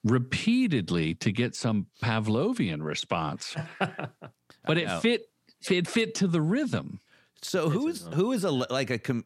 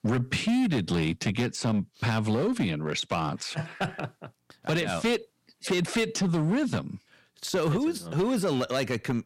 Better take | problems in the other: first | distortion; slight; 9% of the sound clipped

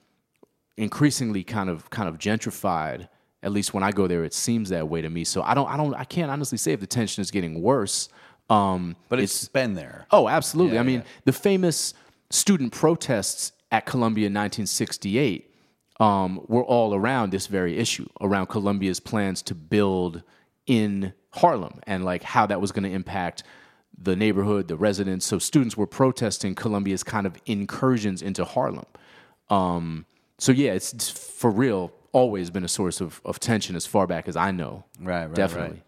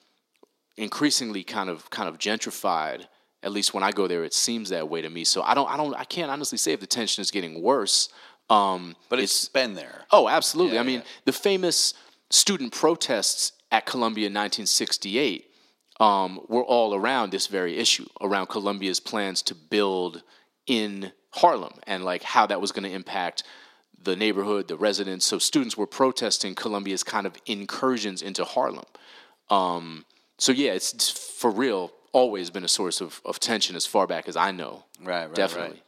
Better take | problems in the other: first | thin; very slightly; fading below 250 Hz

